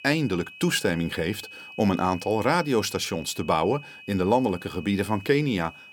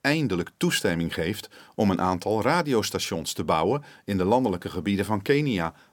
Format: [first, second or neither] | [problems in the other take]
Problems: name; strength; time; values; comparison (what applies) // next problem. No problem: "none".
second | high-pitched whine; noticeable; throughout; 2.5 kHz, 15 dB below the speech